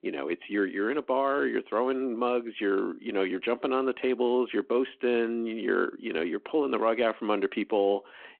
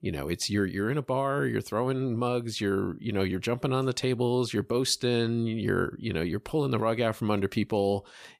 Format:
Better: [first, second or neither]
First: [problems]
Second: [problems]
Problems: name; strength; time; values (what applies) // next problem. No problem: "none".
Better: second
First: phone-call audio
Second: none